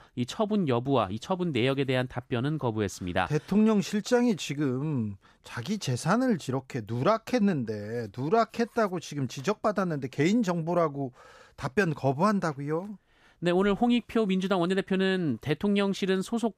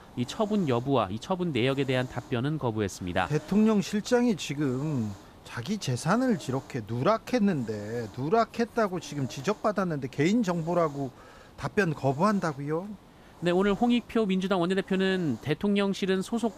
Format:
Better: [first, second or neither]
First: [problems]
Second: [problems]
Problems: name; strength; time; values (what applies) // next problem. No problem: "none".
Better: first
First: none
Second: hiss; faint; throughout; 20 dB below the speech